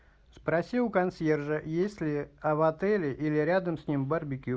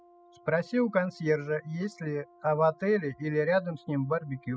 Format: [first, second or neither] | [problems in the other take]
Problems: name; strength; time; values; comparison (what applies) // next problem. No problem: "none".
first | noise reduction (classical method spectral subtraction)